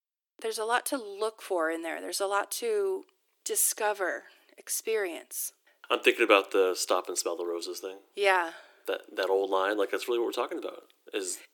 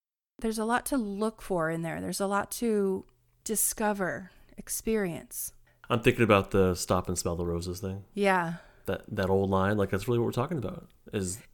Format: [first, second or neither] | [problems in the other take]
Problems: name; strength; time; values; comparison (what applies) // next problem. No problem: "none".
second | thin; very; fading below 300 Hz